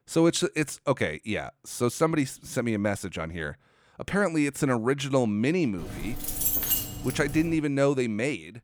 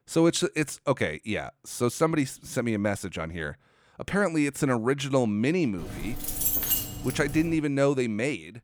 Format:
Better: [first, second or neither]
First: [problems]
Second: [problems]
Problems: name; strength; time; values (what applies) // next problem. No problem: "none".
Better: neither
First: jangling keys; loud; from 6 to 7.5 s; peak 4 dB above the speech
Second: jangling keys; loud; from 6 to 7.5 s; peak 4 dB above the speech